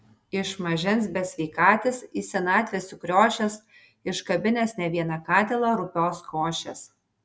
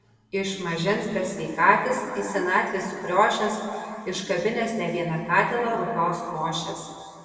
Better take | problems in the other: first | room echo; dies away in 2.1 s

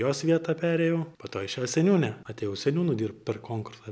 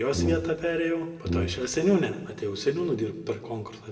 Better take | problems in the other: first | background sound (Brass instrument); 5 dB below the speech // room echo; dies away in 1.3 s

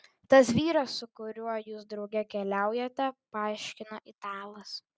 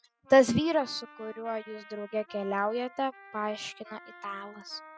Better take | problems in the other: first | noise reduction (classical method spectral subtraction)

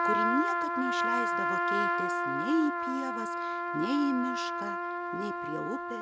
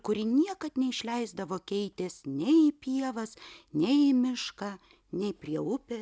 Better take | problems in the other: second | background sound (Trumpet); 3 dB above the speech

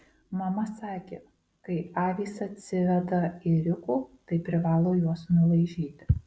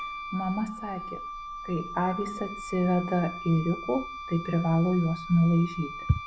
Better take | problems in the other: first | background sound (Wind instrument, woodwind instrument); 11 dB below the speech

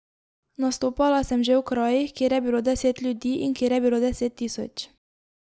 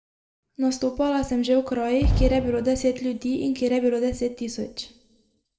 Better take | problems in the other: first | background sound (Fireworks); 4 dB below the speech // room echo; dies away in 0.8 s

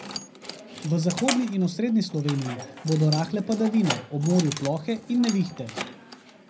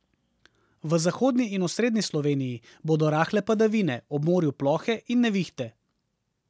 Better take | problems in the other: second | background sound (Keys jangling); 11 dB below the speech // room echo; dies away in 0.4 s

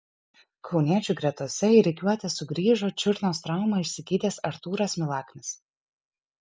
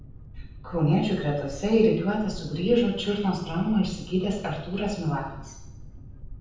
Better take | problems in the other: first | background sound (Boat, Water vehicle); 15 dB below the speech // room echo; dies away in 0.9 s

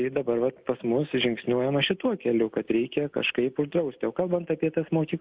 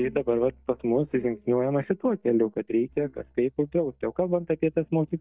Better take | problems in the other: first | noise reduction (neural mask model DeepFilterNet 3)

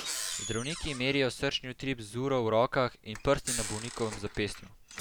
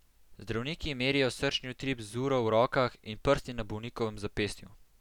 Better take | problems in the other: second | background sound (Microwave oven); 3 dB below the speech

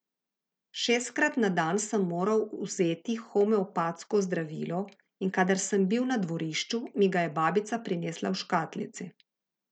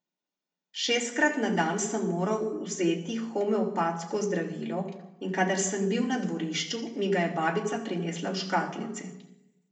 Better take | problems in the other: first | room echo; dies away in 0.7 s

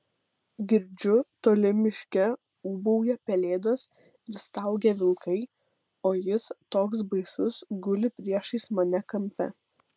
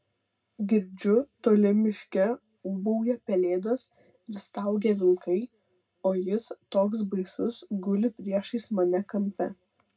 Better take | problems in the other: first | room echo; dies away in 0.2 s

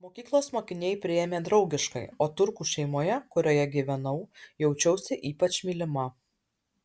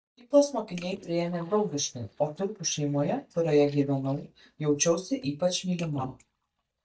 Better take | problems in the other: first | noise reduction (neural mask model DeepFilterNet 3)

